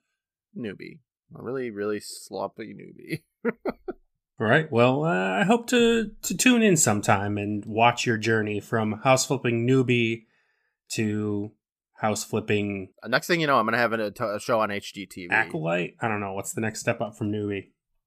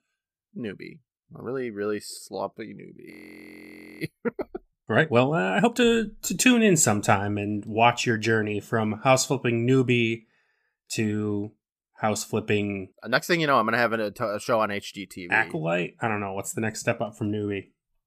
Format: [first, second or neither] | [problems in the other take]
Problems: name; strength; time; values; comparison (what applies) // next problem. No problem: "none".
first | audio freezing; at 3 s for 1 s